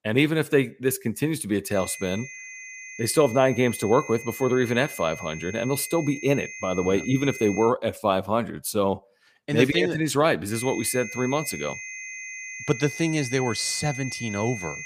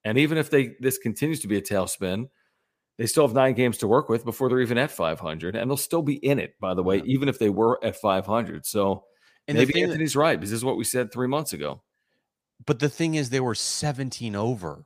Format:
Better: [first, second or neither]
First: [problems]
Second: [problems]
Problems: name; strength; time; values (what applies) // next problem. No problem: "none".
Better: second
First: high-pitched whine; noticeable; from 1.5 to 7.5 s and from 11 s on; 2 kHz, 10 dB below the speech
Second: none